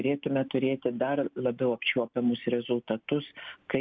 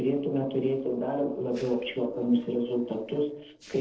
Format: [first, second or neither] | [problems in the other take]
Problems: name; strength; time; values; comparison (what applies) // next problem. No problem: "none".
first | noise reduction (neural separator model SepFormer DNS4)